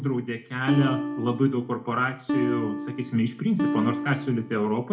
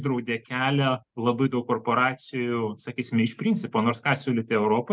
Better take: second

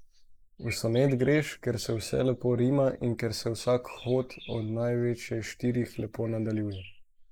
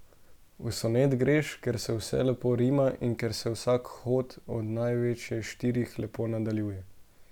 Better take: second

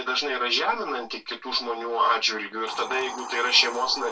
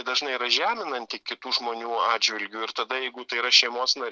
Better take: second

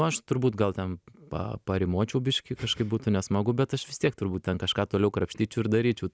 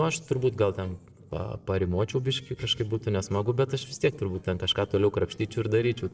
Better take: first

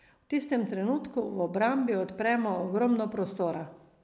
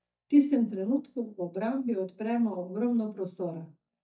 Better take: first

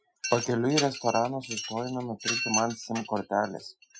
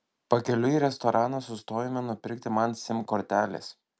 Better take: second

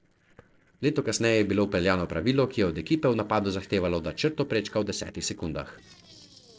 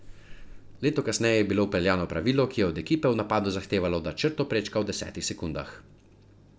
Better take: second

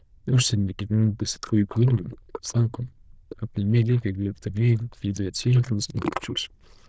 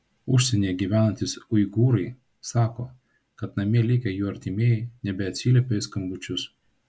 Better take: second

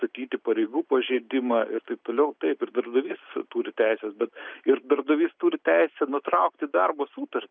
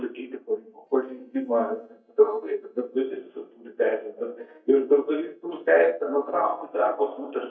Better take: first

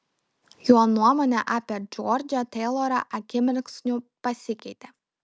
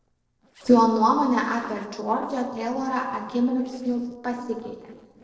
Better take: first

